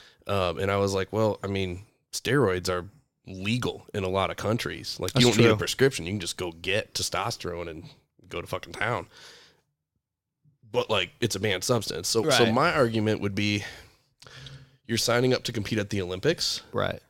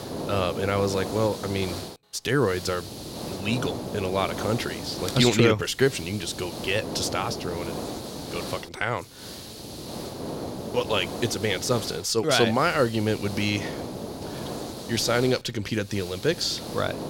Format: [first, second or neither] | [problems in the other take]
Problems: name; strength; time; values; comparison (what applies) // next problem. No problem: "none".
first | hiss; loud; throughout; 9 dB below the speech